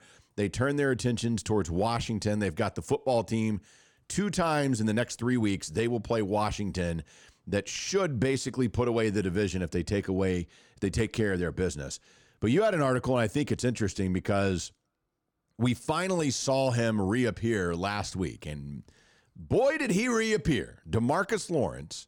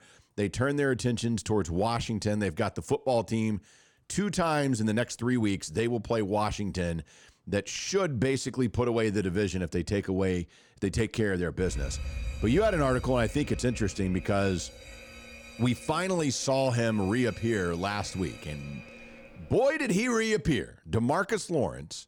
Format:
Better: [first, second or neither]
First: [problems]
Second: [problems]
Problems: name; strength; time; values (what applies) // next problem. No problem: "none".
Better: first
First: none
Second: alarm; noticeable; from 12 to 19 s; peak 8 dB below the speech